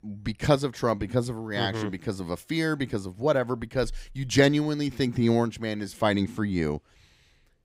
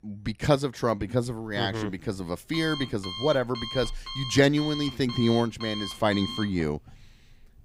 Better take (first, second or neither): first